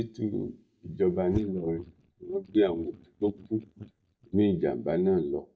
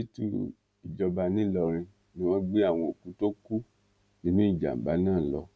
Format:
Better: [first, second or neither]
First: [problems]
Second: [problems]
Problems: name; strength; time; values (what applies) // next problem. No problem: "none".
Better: second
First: noise reduction (neural mask model DeepFilterNet 3)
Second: none